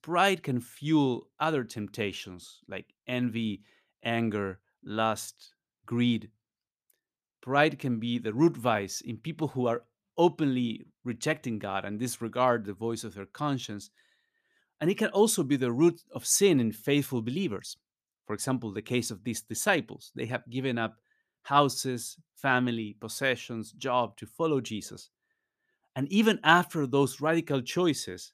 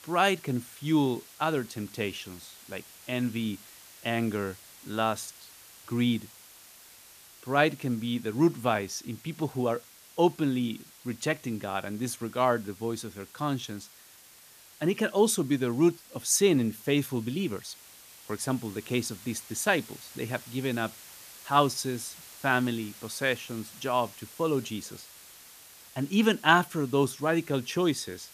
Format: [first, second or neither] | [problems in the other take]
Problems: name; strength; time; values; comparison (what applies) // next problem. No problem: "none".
first | hiss; noticeable; throughout; 20 dB below the speech